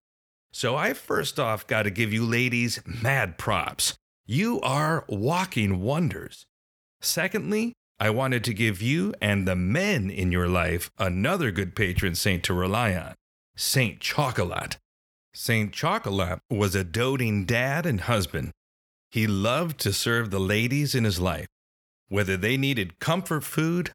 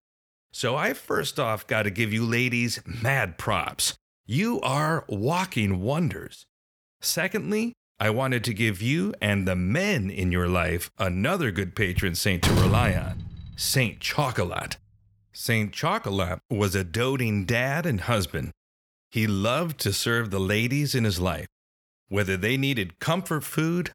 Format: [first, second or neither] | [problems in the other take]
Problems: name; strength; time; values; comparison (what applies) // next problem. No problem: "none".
first | door banging; loud; from 12 to 14 s; peak 3 dB above the speech